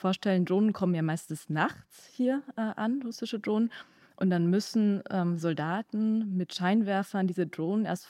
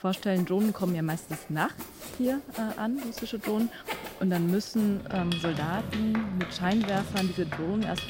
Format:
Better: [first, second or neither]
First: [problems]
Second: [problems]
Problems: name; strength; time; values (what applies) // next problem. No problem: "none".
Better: first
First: none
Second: machinery noise; loud; throughout; 9 dB below the speech